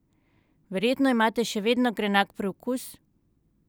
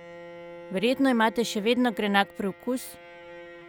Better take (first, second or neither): first